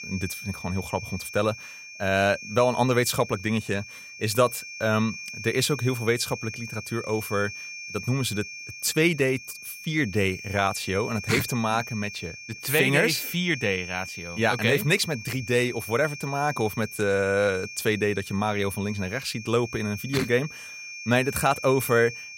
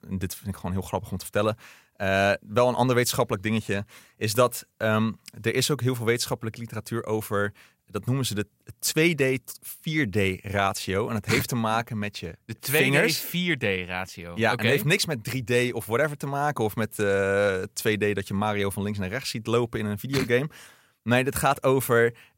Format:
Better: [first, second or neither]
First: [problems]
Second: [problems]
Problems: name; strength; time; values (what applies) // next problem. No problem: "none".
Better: second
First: high-pitched whine; noticeable; throughout; 2.5 kHz, 10 dB below the speech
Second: none